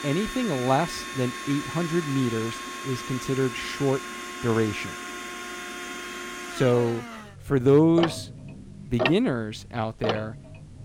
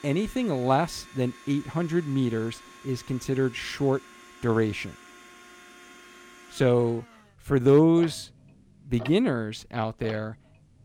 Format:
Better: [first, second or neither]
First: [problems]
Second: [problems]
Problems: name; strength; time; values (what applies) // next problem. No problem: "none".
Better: second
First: household noises; loud; throughout; 8 dB below the speech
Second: household noises; faint; throughout; 20 dB below the speech